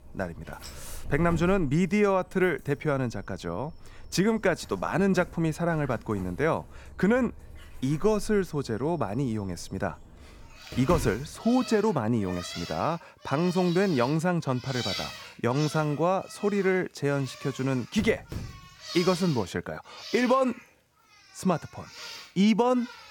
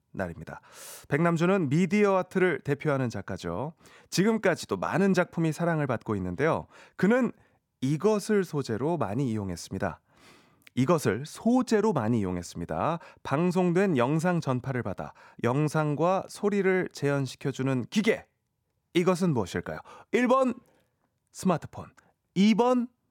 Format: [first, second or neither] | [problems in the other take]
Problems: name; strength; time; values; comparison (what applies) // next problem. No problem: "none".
second | animal sounds; noticeable; throughout; 15 dB below the speech